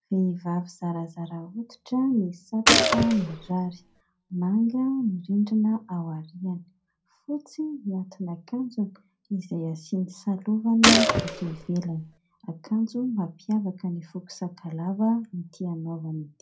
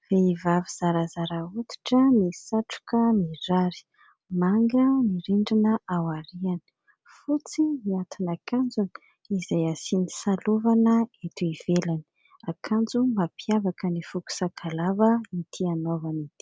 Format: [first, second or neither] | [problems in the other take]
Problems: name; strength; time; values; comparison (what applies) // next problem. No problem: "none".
second | background sound (Gunshot, gunfire); 4 dB above the speech // room echo; dies away in 0.2 s